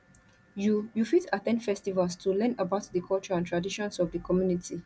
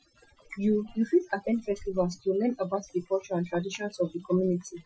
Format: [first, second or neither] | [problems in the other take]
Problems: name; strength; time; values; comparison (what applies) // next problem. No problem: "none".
first | noise reduction (classical method Wiener filter)